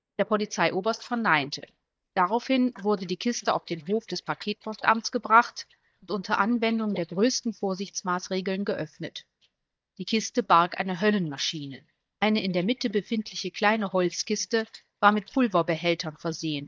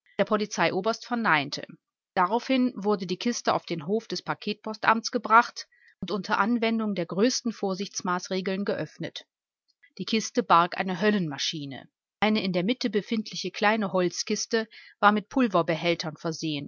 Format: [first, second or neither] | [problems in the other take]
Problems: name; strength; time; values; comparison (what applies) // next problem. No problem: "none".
second | noise reduction (neural mask model DeepFilterNet 3)